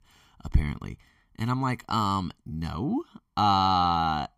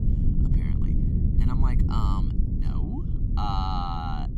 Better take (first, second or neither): first